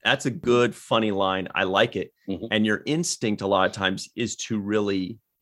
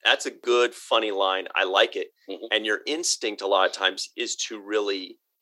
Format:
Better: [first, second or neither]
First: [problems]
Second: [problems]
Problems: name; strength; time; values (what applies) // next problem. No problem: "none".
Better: first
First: none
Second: thin; very; fading below 350 Hz